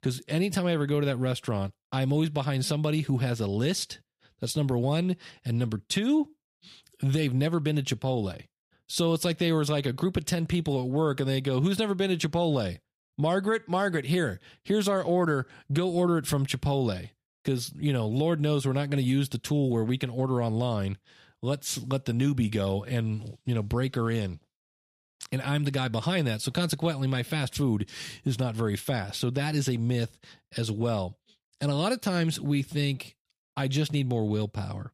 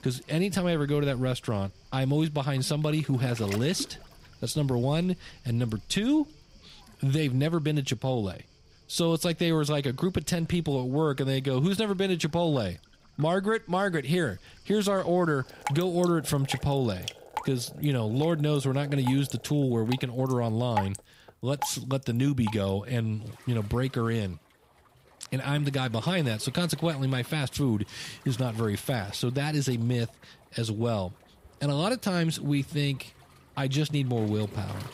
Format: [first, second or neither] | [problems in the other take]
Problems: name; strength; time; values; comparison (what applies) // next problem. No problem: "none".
first | rain or running water; noticeable; throughout; 15 dB below the speech